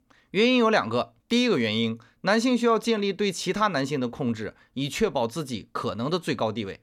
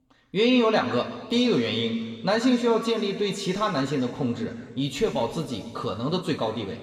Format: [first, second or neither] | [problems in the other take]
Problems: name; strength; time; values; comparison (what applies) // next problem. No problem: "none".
first | room echo; slight; dies away in 2.2 s // off-mic speech; somewhat distant